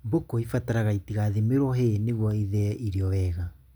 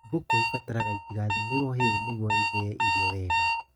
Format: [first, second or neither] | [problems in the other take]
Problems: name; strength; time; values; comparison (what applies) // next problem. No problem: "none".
first | noise reduction (neural mask model RNNoise)